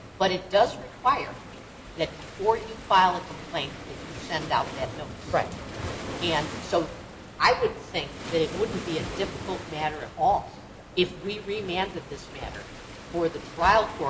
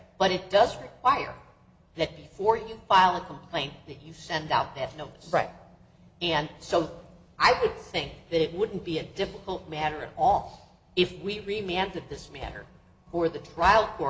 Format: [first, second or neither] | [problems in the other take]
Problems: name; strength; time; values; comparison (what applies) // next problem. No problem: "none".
second | background sound (Waves, surf); 11 dB below the speech